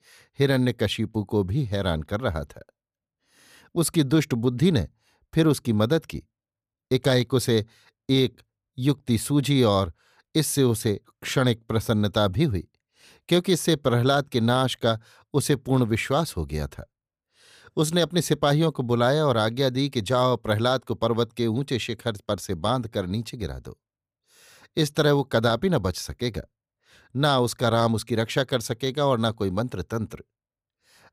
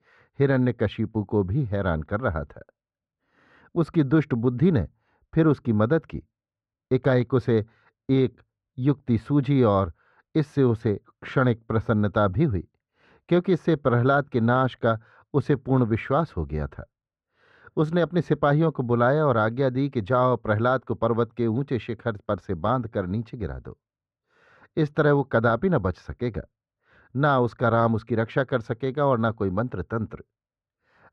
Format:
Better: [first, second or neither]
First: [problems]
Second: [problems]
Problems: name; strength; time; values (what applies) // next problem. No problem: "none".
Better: first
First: none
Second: muffled; very; fading above 1.5 kHz